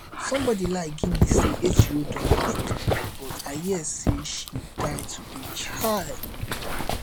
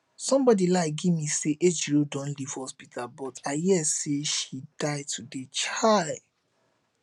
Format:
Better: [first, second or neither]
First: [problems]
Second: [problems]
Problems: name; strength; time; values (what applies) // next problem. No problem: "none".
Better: second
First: background sound (Dog); 4 dB above the speech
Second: none